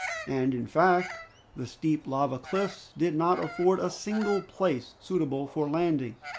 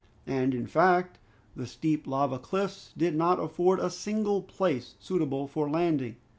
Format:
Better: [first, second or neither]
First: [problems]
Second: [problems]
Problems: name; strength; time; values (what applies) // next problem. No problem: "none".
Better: second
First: background sound (Bird vocalization, bird call, bird song); 15 dB below the speech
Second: none